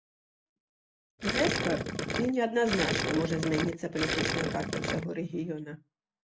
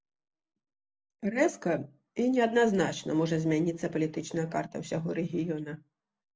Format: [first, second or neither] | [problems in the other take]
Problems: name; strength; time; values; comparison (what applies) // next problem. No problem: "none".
second | background sound (Gurgling); 1 dB above the speech